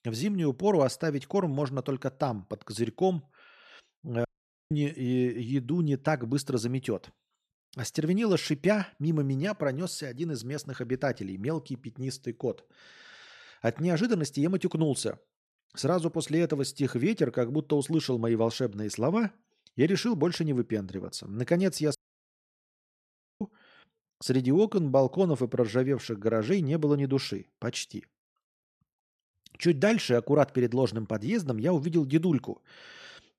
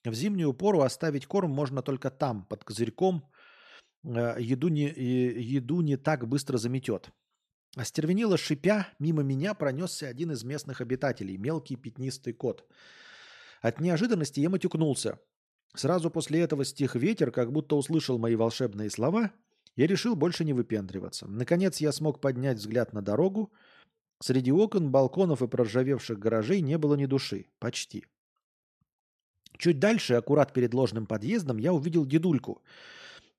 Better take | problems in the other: second | audio cutting out; at 4.5 s and at 22 s for 1.5 s

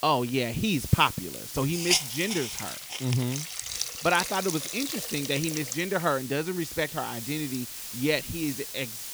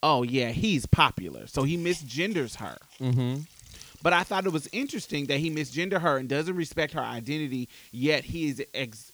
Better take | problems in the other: second | hiss; loud; throughout; 4 dB below the speech; faint in the second

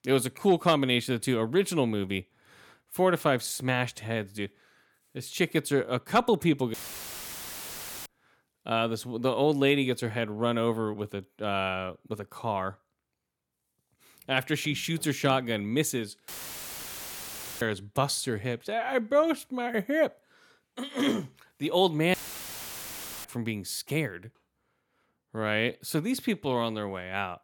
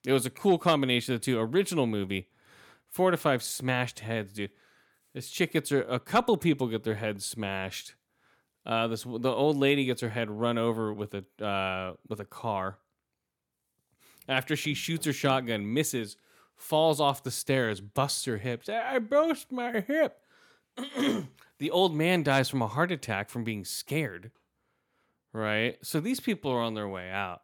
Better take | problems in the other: second | audio cutting out; filled with static; at 6.5 s for 1.5 s, at 16 s for 1.5 s and at 22 s for 1 s

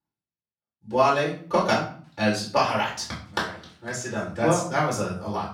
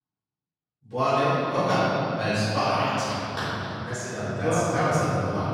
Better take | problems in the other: first | room echo; strong; dies away in 3 s; slight in the first // off-mic speech; far; far in the first

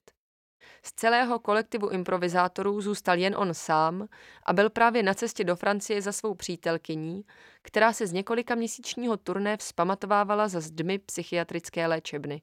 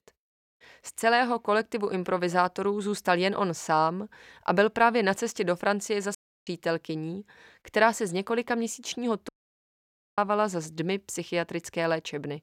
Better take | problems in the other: first | audio cutting out; at 6 s and at 9.5 s for 1 s

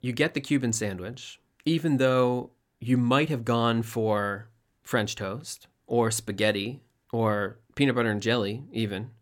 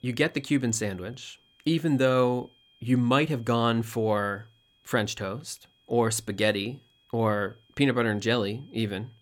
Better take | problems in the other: first | high-pitched whine; faint; throughout; 3 kHz, 35 dB below the speech

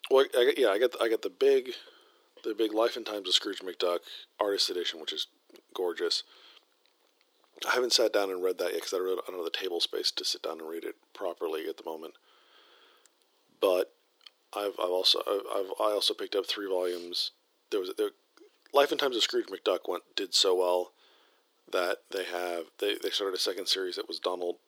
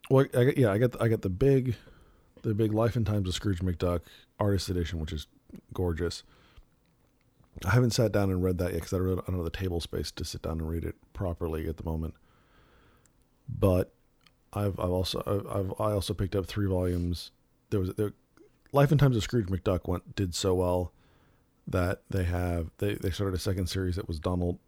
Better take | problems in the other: second | thin; very; fading below 350 Hz

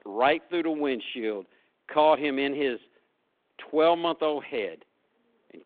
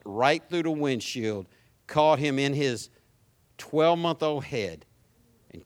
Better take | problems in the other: second | phone-call audio

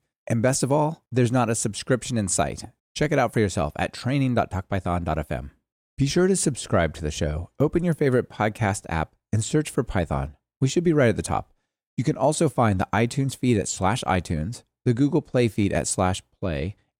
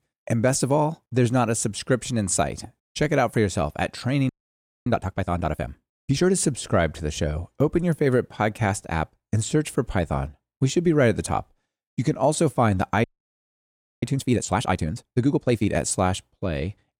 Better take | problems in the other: first | audio freezing; at 4.5 s for 0.5 s and at 13 s for 1 s

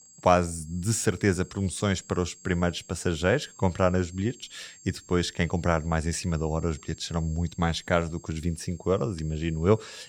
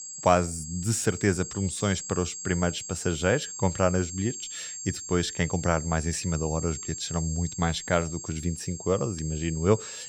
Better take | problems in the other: first | high-pitched whine; loud; throughout; 7.5 kHz, 8 dB below the speech; faint in the first

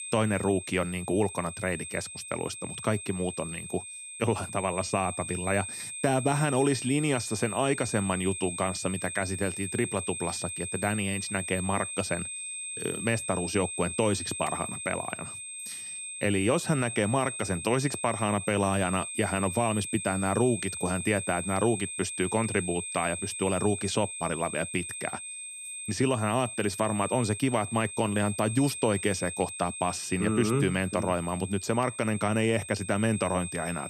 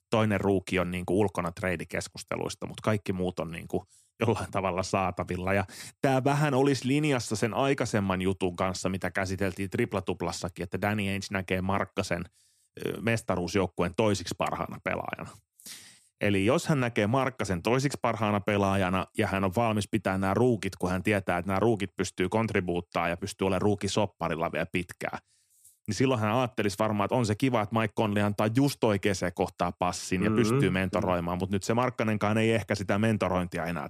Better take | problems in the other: second | high-pitched whine; loud; throughout; 8.5 kHz, 6 dB below the speech

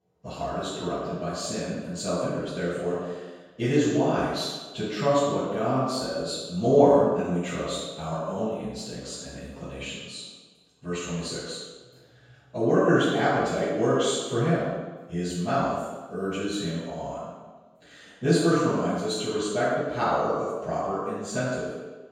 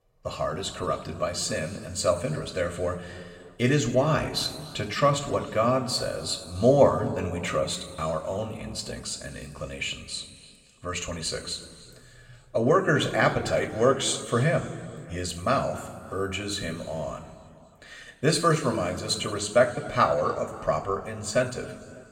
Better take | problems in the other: second | room echo; strong; dies away in 1.2 s; slight in the second // off-mic speech; far; somewhat distant in the second

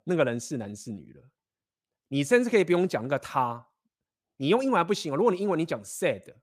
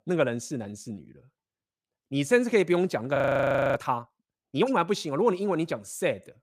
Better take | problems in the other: first | audio freezing; at 3 s for 0.5 s

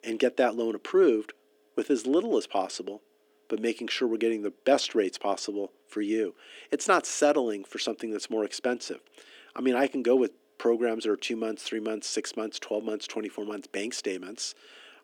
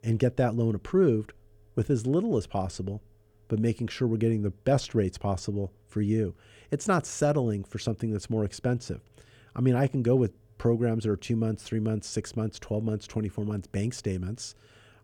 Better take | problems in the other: second | thin; somewhat; fading below 300 Hz

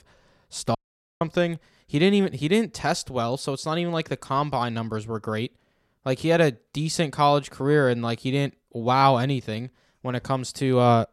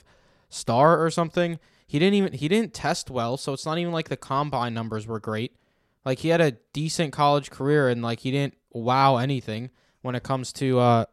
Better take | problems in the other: second | audio cutting out; at 1 s

